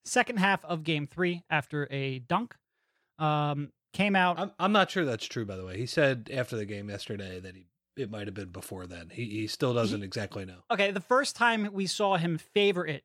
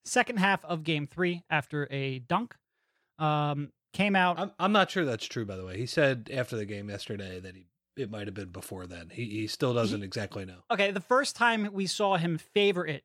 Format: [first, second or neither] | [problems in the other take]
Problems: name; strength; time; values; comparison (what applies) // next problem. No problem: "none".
neither | none